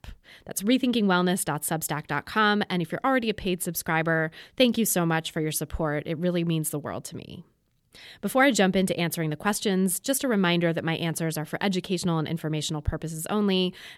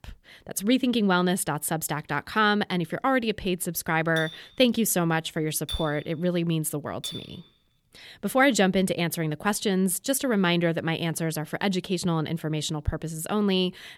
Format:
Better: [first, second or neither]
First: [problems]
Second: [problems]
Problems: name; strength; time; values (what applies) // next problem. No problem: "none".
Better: first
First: none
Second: clattering dishes; noticeable; from 4 to 7.5 s; peak 9 dB below the speech